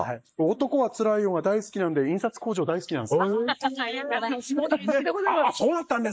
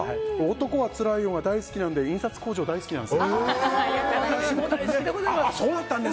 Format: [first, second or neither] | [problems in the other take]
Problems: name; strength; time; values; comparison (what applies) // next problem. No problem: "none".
second | noise reduction (neural mask model Resemble Enhance denoiser)